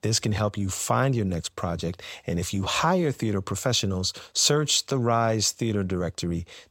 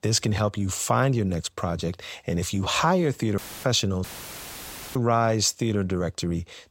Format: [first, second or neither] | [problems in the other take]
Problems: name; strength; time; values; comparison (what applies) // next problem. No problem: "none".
first | audio cutting out; filled with static; at 3.5 s and at 4 s for 1 s